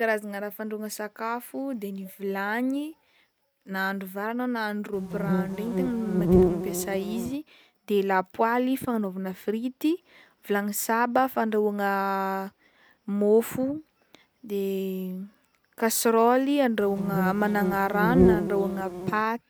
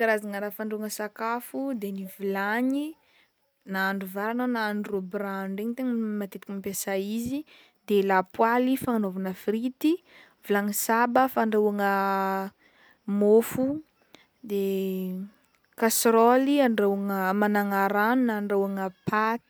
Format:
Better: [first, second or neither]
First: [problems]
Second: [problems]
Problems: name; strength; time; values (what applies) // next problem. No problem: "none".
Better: second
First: background sound (Insect); 2 dB above the speech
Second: none